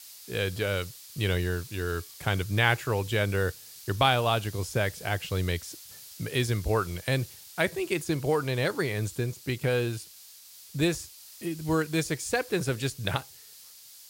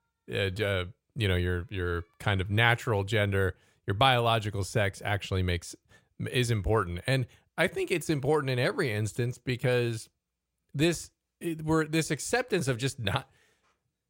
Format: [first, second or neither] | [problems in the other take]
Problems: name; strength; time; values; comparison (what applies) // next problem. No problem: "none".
second | hiss; noticeable; throughout; 15 dB below the speech